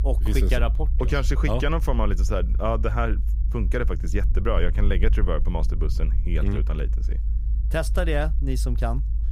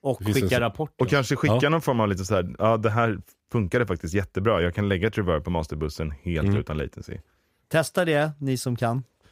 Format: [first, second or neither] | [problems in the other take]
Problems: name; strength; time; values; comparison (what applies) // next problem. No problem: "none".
second | low rumble; noticeable; throughout; 15 dB below the speech